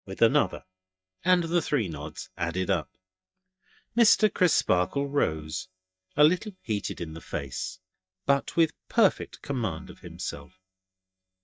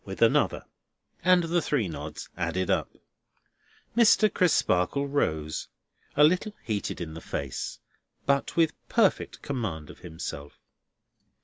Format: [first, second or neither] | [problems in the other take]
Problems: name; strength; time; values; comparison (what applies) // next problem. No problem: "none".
second | noise reduction (neural mask model DeepFilterNet 3)